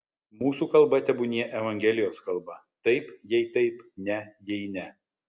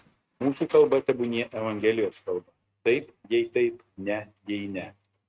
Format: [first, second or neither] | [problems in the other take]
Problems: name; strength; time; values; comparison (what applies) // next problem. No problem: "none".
first | noise reduction (neural mask model RNNoise)